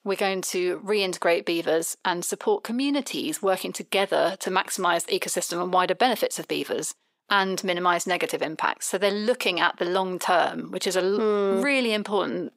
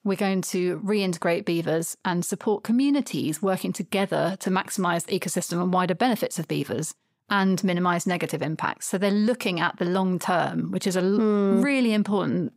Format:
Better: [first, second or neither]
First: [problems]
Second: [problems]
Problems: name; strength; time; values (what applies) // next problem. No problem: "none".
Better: second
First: thin; somewhat; fading below 400 Hz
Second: none